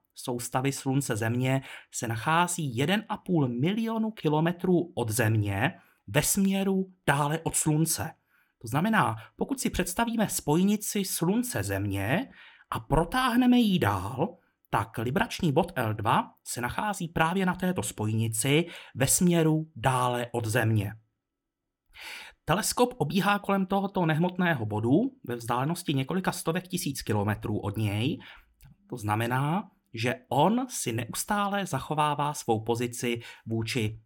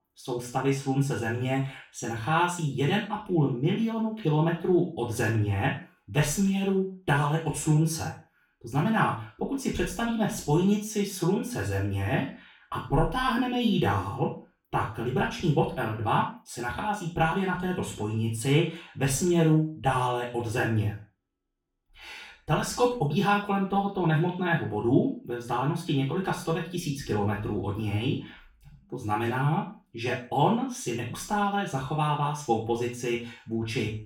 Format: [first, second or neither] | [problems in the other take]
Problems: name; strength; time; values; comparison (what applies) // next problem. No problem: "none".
first | room echo; noticeable; dies away in 0.3 s // off-mic speech; far